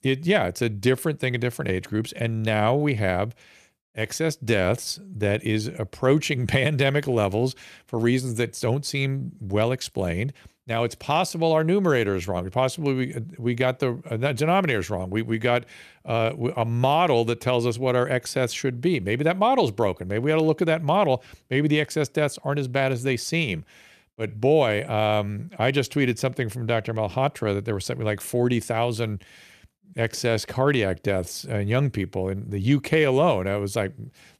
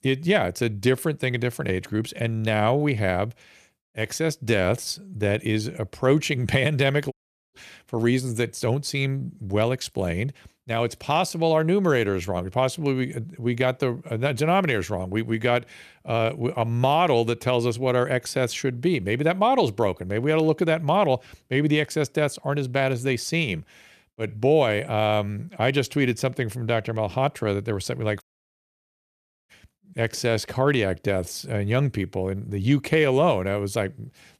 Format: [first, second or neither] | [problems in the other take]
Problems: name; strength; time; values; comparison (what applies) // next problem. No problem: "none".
first | audio cutting out; at 7 s and at 28 s for 1.5 s